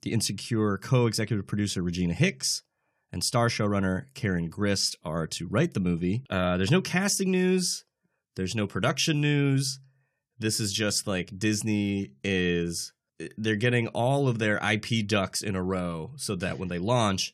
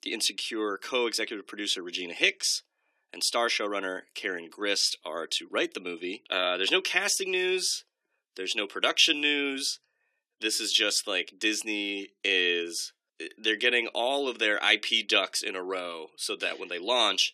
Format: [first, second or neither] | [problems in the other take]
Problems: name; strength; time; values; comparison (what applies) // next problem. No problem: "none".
first | thin; very; fading below 300 Hz